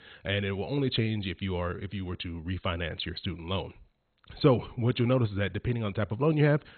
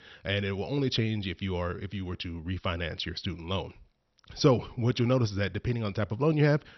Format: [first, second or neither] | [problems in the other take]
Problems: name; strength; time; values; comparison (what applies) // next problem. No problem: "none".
second | garbled, watery; badly; nothing above 4 kHz; slightly in the second